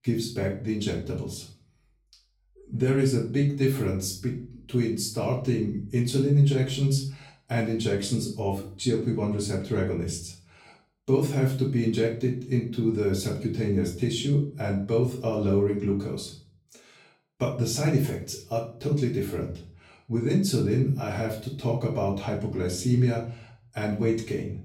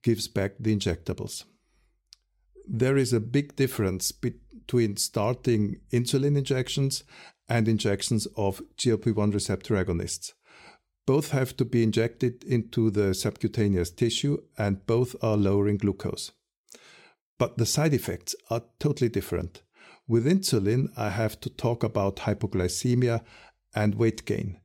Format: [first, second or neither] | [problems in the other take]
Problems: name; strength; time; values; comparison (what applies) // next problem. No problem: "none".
second | off-mic speech; far // room echo; slight; dies away in 0.4 s